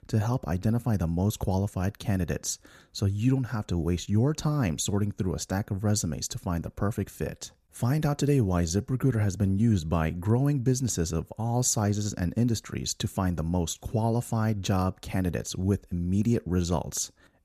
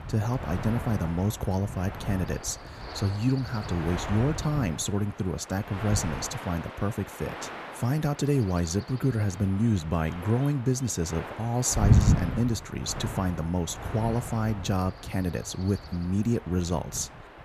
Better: first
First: none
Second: wind noise on the microphone; heavy; 6 dB below the speech

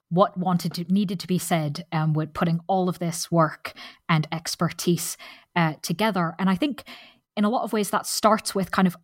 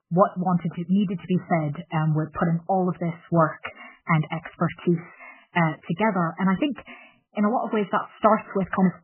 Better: first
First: none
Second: garbled, watery; badly; nothing above 3 kHz

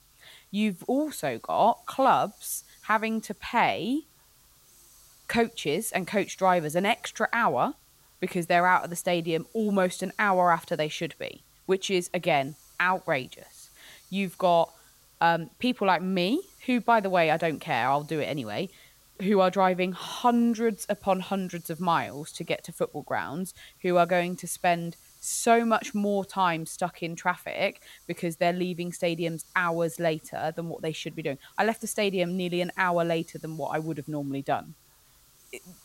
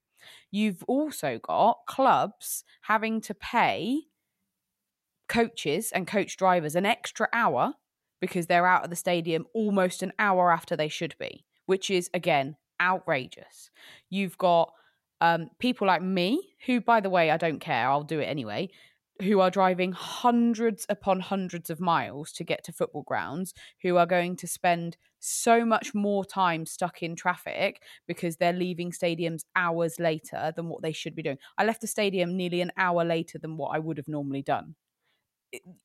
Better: second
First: hiss; faint; throughout; 25 dB below the speech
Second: none

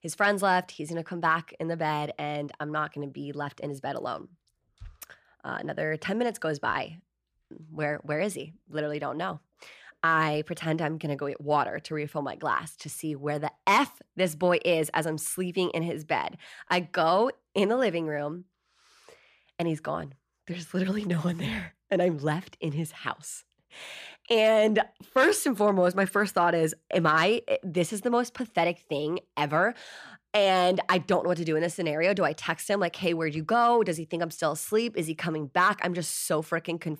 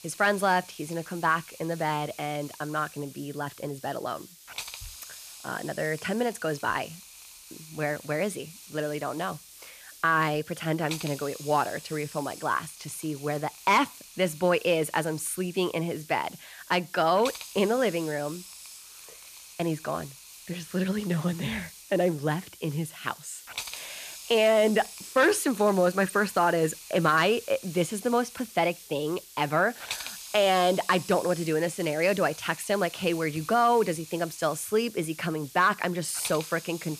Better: first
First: none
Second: hiss; noticeable; throughout; 15 dB below the speech

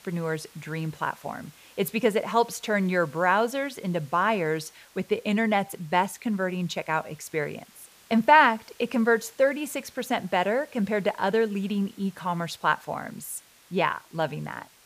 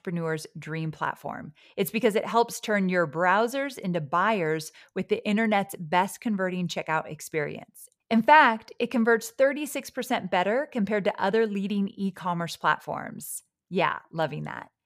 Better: second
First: hiss; faint; throughout; 25 dB below the speech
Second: none

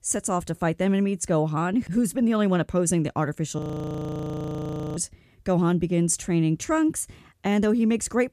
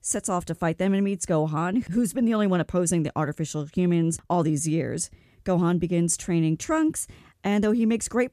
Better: second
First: audio freezing; at 3.5 s for 1.5 s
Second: none

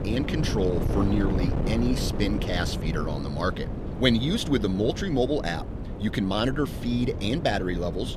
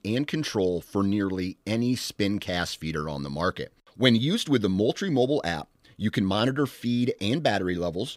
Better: second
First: wind noise on the microphone; heavy; 8 dB below the speech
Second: none

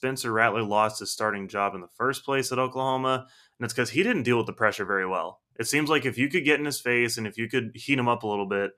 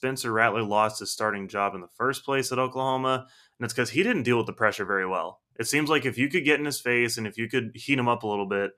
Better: neither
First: none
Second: none

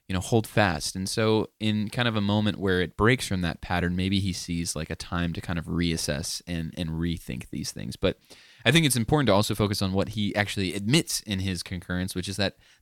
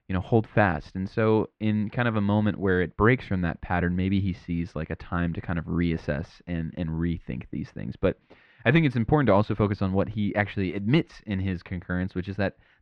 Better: first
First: none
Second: muffled; very; fading above 2 kHz

